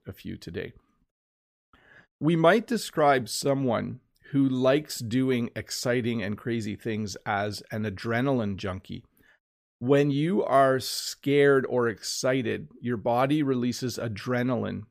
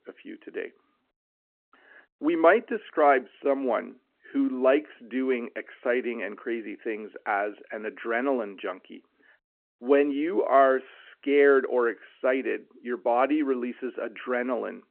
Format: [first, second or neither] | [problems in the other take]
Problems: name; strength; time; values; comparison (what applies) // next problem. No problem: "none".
first | phone-call audio